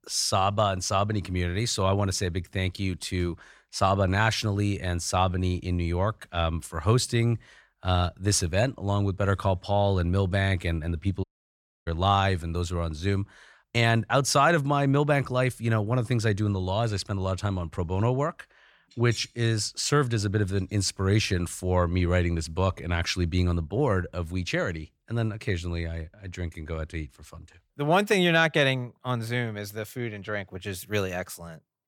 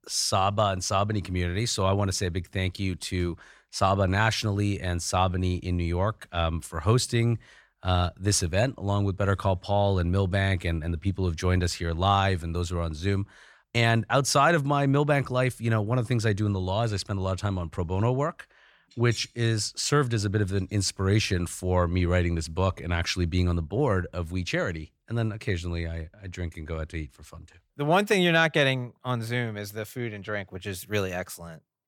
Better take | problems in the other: second | audio cutting out; at 11 s for 0.5 s

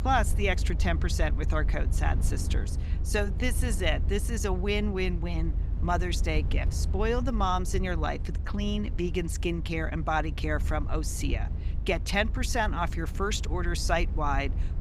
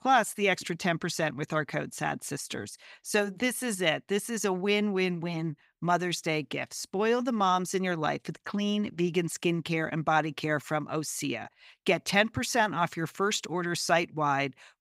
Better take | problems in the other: second | low rumble; noticeable; throughout; 15 dB below the speech

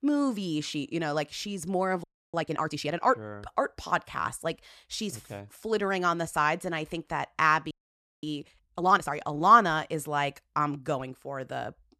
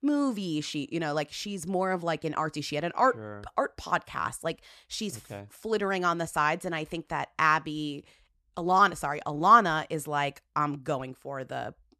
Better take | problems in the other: second | audio freezing; at 2 s and at 7.5 s for 0.5 s

